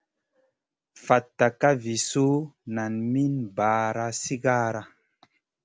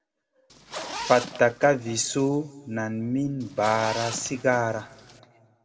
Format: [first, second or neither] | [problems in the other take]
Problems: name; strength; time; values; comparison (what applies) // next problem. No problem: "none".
first | background sound (Zipper (clothing)); 11 dB below the speech // room echo; dies away in 1.2 s